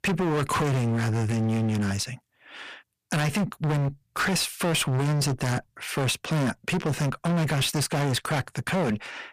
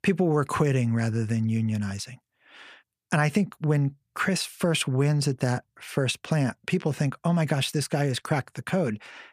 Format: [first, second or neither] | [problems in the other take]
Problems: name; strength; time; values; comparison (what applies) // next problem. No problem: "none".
second | distortion; heavy; 30% of the sound clipped